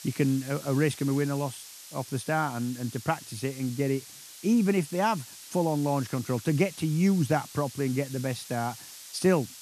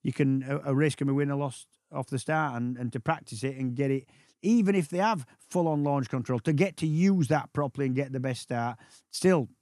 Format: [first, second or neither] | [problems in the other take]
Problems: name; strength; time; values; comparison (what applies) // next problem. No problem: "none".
second | hiss; noticeable; throughout; 15 dB below the speech